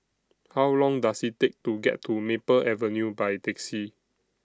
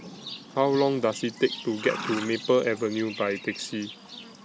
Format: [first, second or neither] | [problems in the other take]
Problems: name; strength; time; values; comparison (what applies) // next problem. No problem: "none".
first | background sound (Livestock, farm animals, working animals); 12 dB below the speech